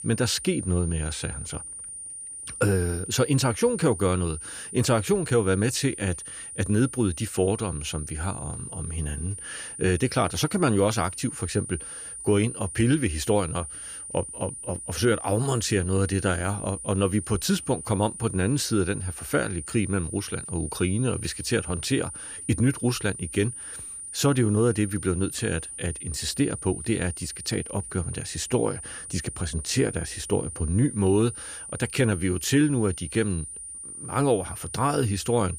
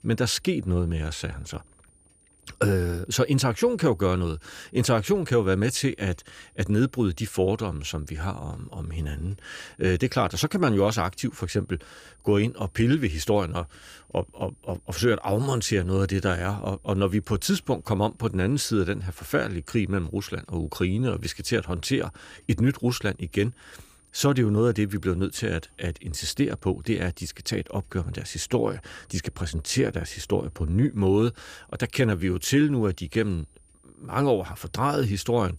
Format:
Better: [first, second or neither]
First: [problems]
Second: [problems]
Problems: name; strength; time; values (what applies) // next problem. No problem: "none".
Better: second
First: high-pitched whine; loud; throughout; 9.5 kHz, 9 dB below the speech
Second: high-pitched whine; faint; throughout; 9.5 kHz, 35 dB below the speech